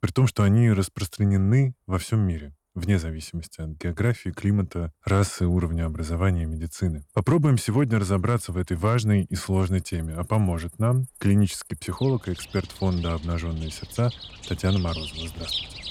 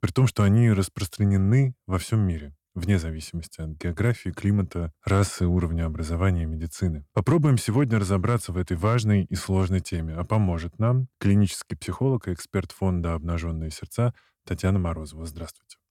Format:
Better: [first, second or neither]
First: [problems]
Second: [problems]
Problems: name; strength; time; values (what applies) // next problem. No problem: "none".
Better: second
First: animal sounds; noticeable; throughout; 15 dB below the speech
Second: none